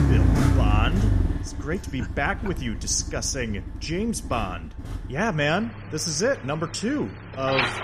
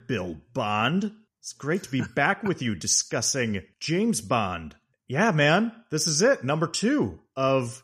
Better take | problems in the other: second | traffic noise; very loud; throughout; as loud as the speech

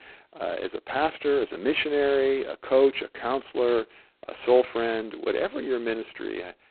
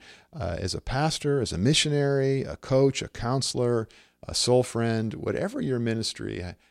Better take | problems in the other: second | phone-call audio; poor line; nothing above 4 kHz

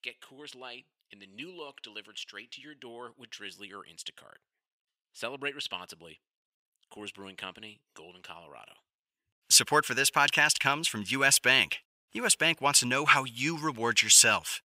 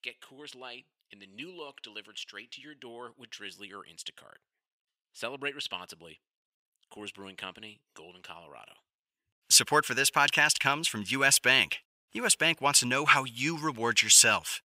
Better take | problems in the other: neither | thin; somewhat; fading below 1 kHz; the same in both

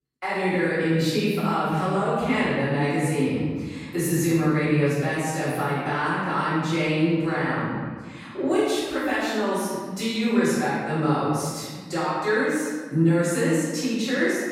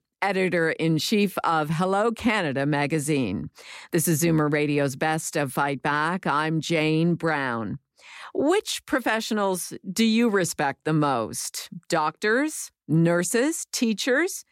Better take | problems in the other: second | off-mic speech; far // room echo; strong; dies away in 1.5 s

